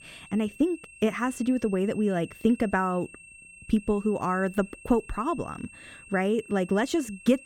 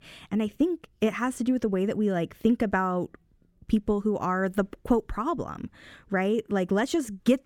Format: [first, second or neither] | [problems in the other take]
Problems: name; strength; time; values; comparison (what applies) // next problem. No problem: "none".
second | high-pitched whine; noticeable; throughout; 2.5 kHz, 20 dB below the speech